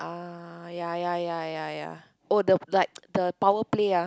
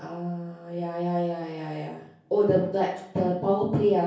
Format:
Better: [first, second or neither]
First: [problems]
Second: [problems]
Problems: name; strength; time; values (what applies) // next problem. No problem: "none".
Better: first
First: none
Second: room echo; dies away in 0.6 s